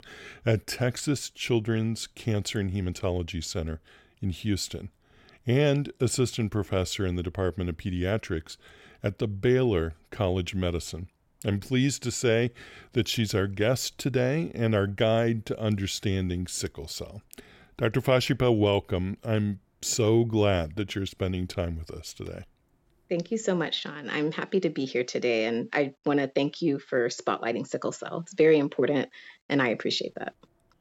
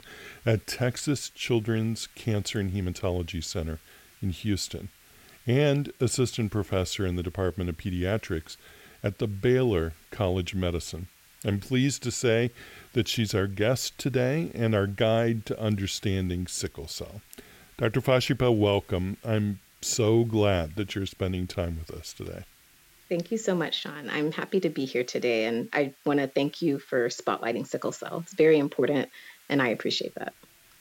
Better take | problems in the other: first | hiss; faint; throughout; 25 dB below the speech

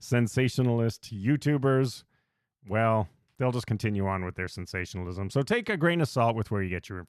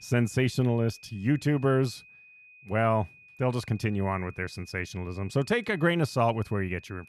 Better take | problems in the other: first | high-pitched whine; faint; throughout; 2.5 kHz, 25 dB below the speech

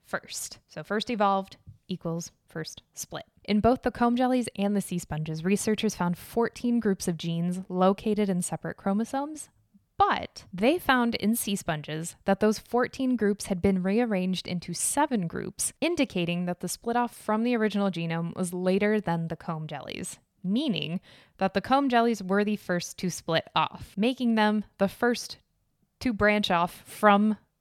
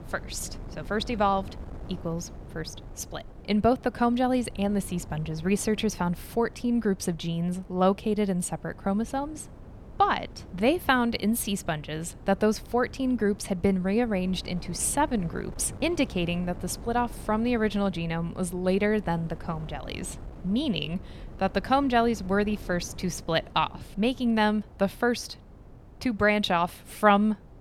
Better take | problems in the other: first | wind noise on the microphone; occasional gusts; 25 dB below the speech

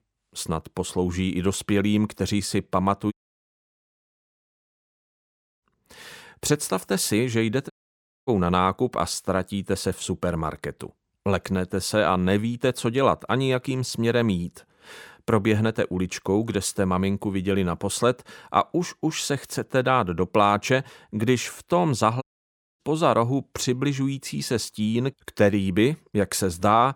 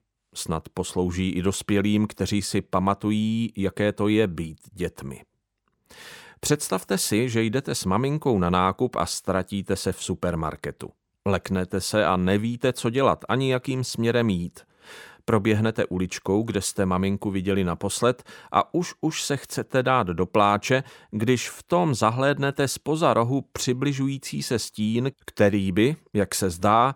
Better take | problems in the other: second | audio cutting out; at 3 s for 2.5 s, at 7.5 s for 0.5 s and at 22 s for 0.5 s

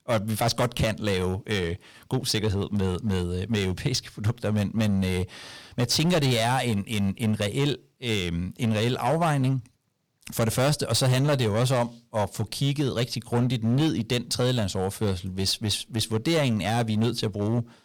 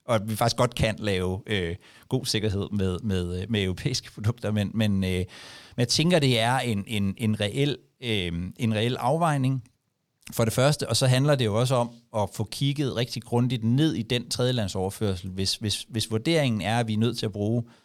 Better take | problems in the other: second | distortion; slight; 9% of the sound clipped

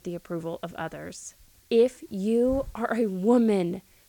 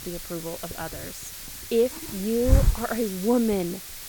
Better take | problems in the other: first | hiss; loud; throughout; 3 dB below the speech; faint in the first

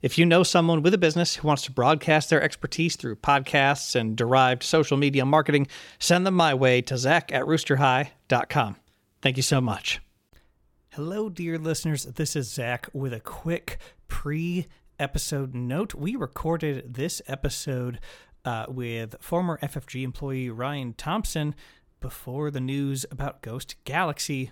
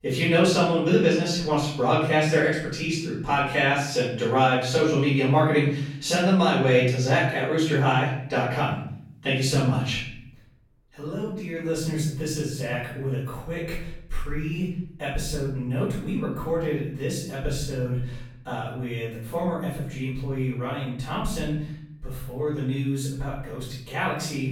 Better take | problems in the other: first | off-mic speech; far // room echo; noticeable; dies away in 0.7 s

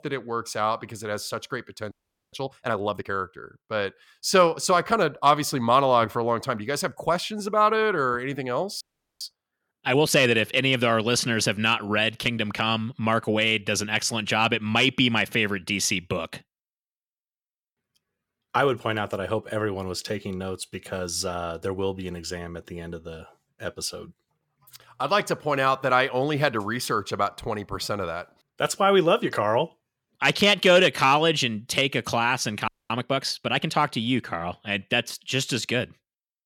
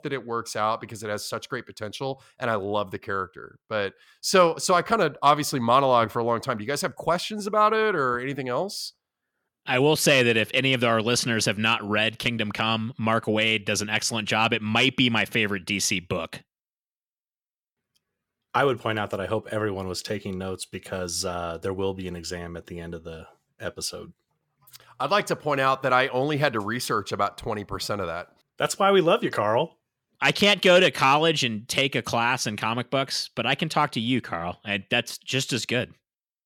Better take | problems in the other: second | audio freezing; at 2 s, at 9 s and at 33 s

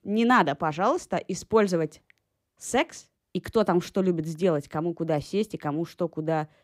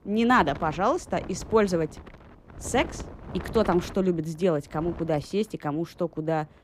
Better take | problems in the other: first | wind noise on the microphone; occasional gusts; 15 dB below the speech

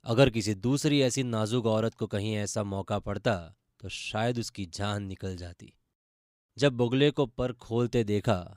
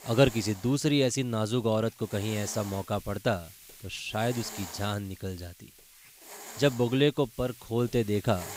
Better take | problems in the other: first | hiss; noticeable; throughout; 15 dB below the speech

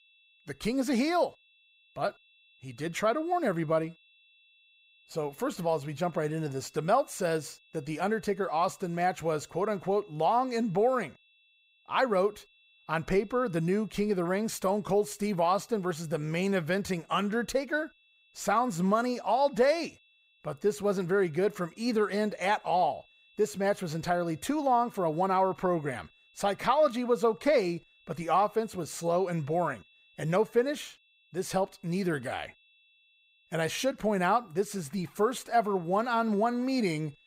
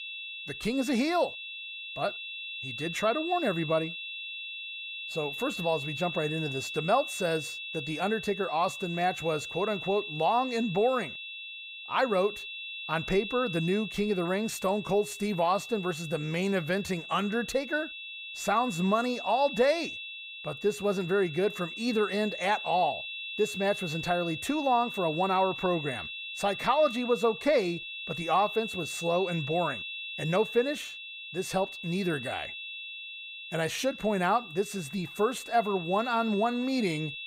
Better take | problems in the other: first | high-pitched whine; loud; throughout; 2.5 kHz, 8 dB below the speech; faint in the first

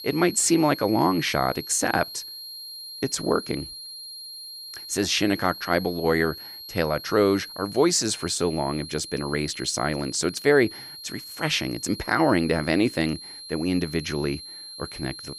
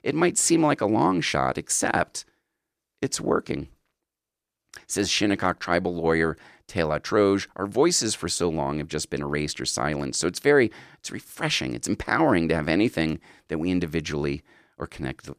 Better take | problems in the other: second | high-pitched whine; noticeable; throughout; 4 kHz, 15 dB below the speech

